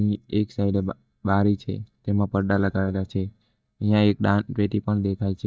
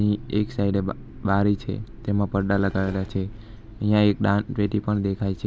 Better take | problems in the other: second | noise reduction (neural mask model DeepFilterNet 3)

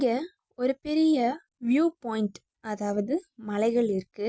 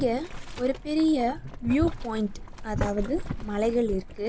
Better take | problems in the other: first | background sound (Boiling); 7 dB below the speech

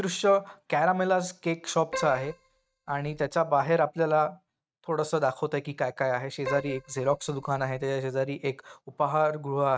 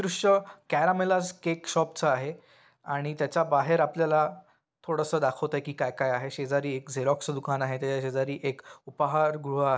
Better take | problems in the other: second | noise reduction (neural mask model RNNoise)

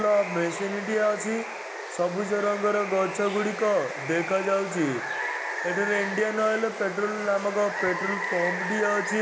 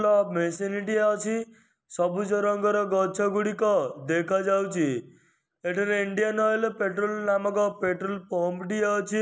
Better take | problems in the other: second | background sound (Water); 6 dB below the speech

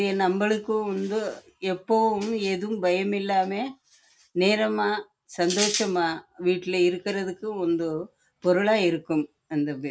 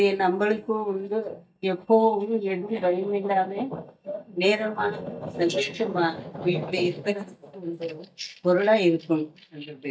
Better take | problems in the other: first | noise reduction (neural mask model DeepFilterNet 3)

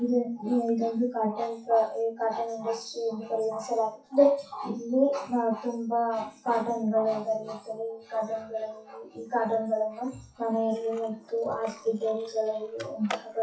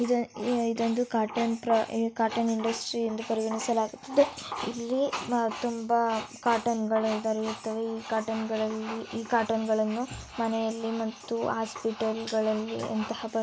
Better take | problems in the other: second | noise reduction (classical method WPE with log-MMSE)

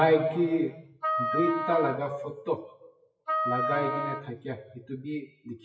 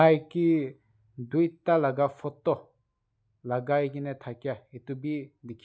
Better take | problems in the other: second | noise reduction (classical method WPE with log-MMSE)

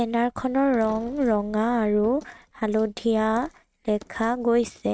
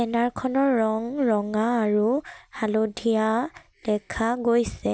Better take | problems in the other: second | noise reduction (neural mask model RNNoise)

